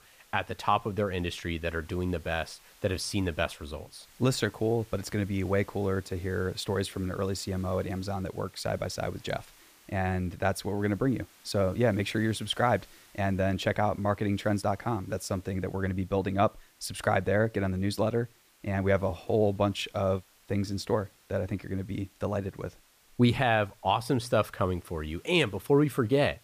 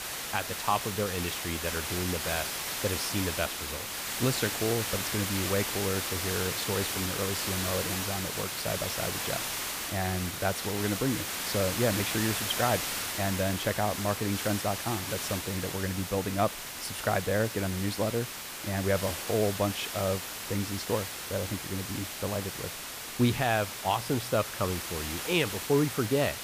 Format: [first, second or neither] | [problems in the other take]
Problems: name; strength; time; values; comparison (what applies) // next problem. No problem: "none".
first | hiss; loud; throughout; 2 dB below the speech; faint in the first